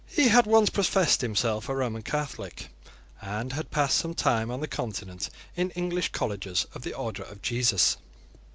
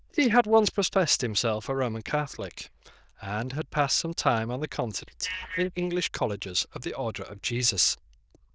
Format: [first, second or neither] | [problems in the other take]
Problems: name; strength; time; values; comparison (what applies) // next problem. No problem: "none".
first | noise reduction (neural diffusion model UNIVERSE++)